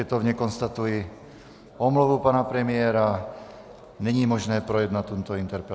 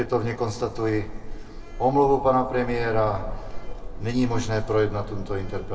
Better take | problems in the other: first | background sound (Sliding door); 7 dB below the speech // room echo; dies away in 1.2 s

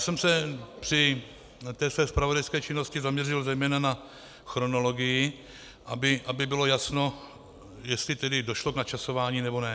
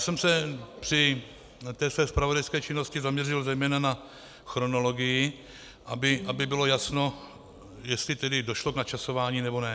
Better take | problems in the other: first | background sound (Bowed string instrument); 19 dB below the speech

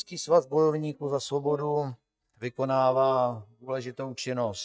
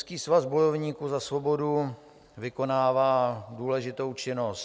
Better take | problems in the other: second | noise reduction (neural mask model DeepFilterNet 3)

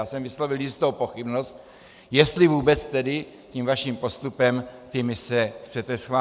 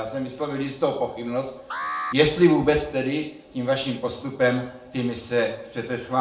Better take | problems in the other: first | background sound (Alarm); 10 dB below the speech // room echo; dies away in 0.5 s

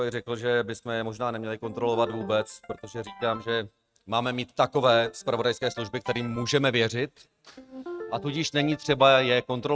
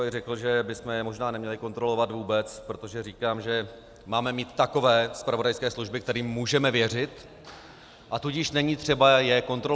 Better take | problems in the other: second | noise reduction (neural mask model RNNoise)

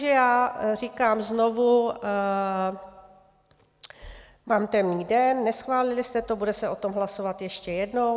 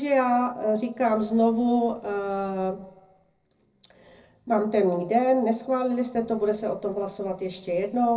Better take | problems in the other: first | noise reduction (neural separator model SepFormer DNS4)

